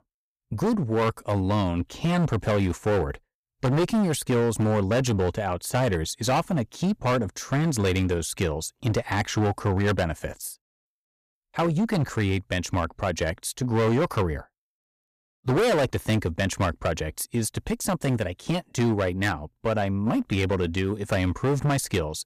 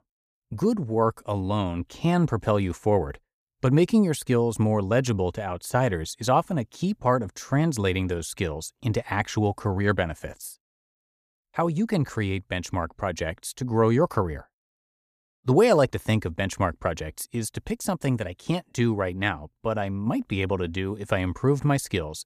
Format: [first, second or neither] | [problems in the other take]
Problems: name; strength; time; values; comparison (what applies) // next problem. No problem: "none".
second | distortion; heavy; 14% of the sound clipped